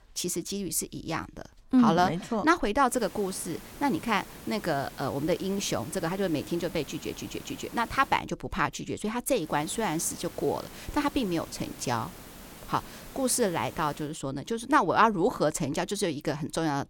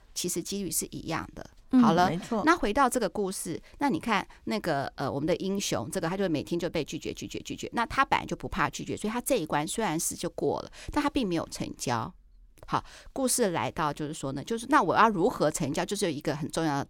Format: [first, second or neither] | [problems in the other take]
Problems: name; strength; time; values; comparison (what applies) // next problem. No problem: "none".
second | hiss; noticeable; from 3 to 8 s and from 9.5 to 14 s; 15 dB below the speech